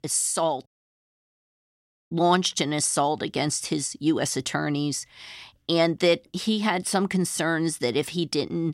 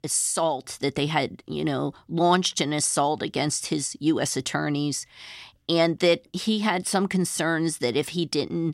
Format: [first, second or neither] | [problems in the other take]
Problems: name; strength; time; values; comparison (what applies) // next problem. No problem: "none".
second | audio cutting out; at 0.5 s for 1.5 s